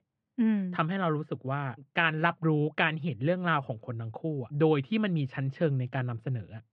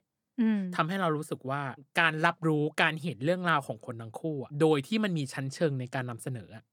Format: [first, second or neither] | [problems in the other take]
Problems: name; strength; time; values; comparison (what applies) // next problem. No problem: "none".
second | muffled; slightly; fading above 3 kHz